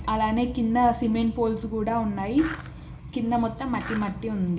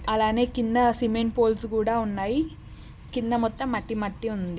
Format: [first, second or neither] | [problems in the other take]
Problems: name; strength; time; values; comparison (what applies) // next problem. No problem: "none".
second | background sound (Skateboard); 14 dB below the speech // room echo; dies away in 0.4 s